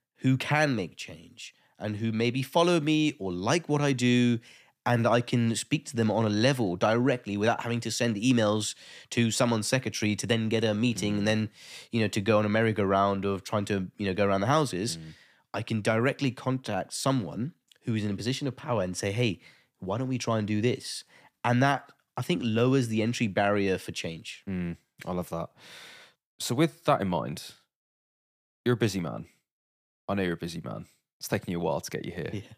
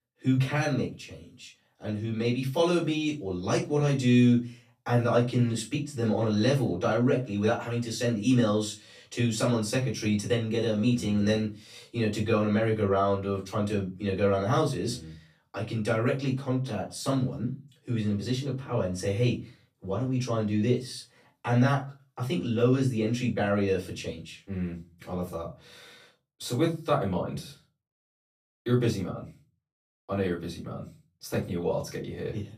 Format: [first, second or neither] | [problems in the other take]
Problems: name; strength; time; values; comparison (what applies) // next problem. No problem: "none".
first | off-mic speech; far // room echo; slight; dies away in 0.3 s